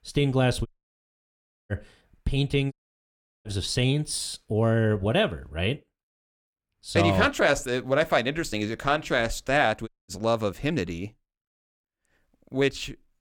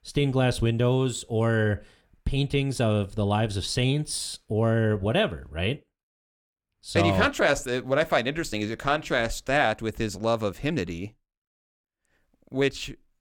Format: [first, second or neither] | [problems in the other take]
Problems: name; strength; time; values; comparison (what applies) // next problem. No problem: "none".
second | audio cutting out; at 0.5 s for 1 s, at 2.5 s for 0.5 s and at 10 s